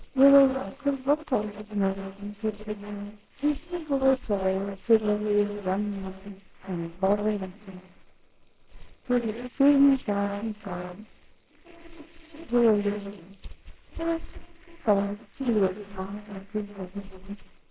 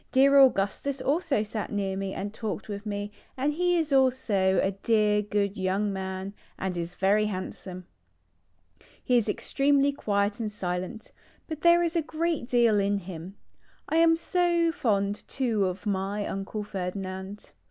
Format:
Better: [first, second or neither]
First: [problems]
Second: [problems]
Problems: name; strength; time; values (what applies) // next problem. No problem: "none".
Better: second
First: noise reduction (neural separator model SepFormer WHAMR!)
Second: none